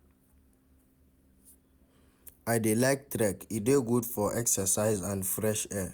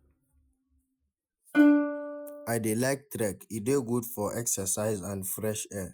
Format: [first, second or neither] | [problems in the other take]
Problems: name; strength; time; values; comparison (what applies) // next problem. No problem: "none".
first | noise reduction (classical method Wiener filter)